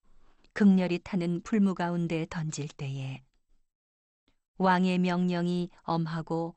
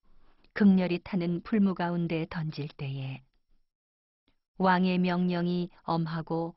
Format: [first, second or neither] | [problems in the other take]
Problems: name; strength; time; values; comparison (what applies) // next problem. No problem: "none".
first | garbled, watery; badly; nothing above 5.5 kHz; slightly in the first